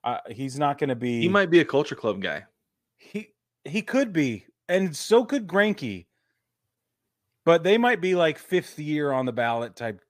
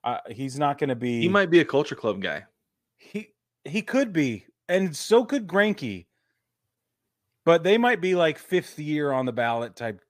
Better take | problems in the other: neither | none

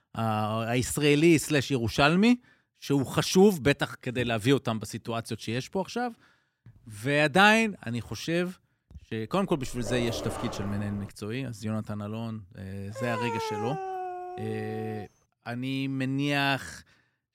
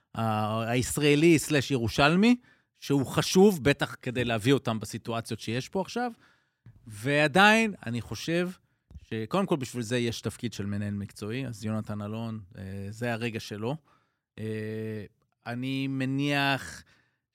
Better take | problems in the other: second | dog barking; noticeable; from 9.5 to 11 s and from 13 to 15 s; peak 5 dB below the speech

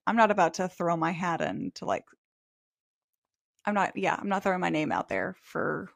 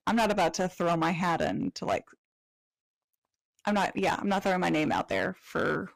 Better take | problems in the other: first | distortion; heavy; 9% of the sound clipped

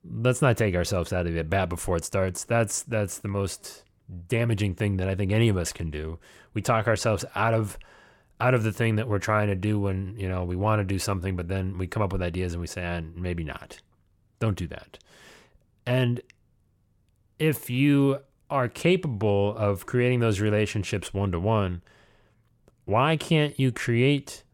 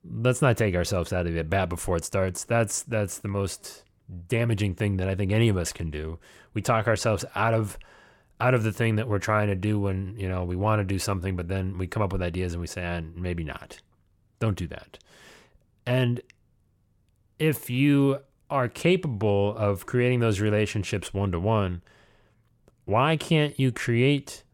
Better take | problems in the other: neither | none

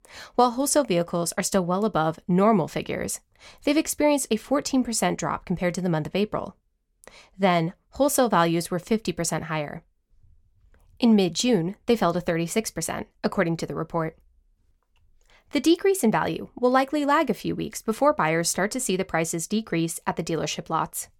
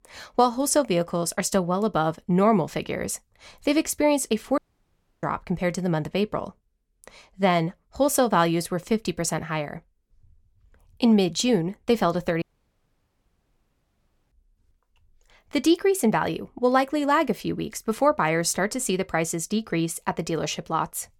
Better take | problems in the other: first | audio cutting out; at 4.5 s for 0.5 s and at 12 s for 2 s

